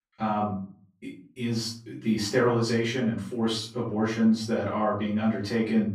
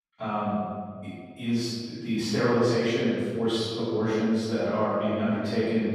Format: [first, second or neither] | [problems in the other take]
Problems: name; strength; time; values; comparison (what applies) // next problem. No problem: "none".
first | room echo; strong; dies away in 2.1 s; slight in the first // off-mic speech; far; far in the first